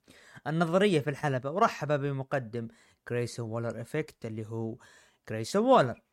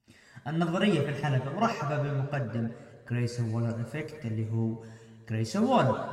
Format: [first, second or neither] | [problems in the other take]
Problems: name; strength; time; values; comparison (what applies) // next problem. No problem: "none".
first | room echo; noticeable; dies away in 1.8 s